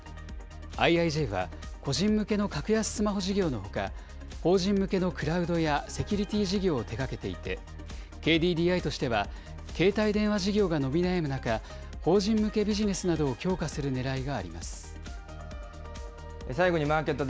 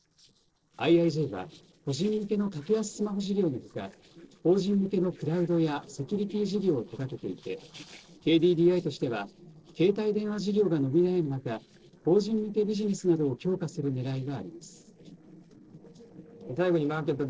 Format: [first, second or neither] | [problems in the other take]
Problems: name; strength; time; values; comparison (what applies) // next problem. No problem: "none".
first | noise reduction (neural separator model SepFormer DNS4)